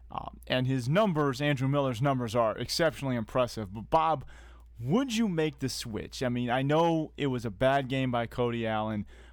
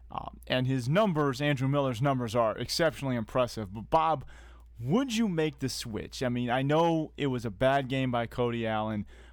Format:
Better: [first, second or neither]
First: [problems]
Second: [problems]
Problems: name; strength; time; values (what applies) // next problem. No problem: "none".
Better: neither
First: none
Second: none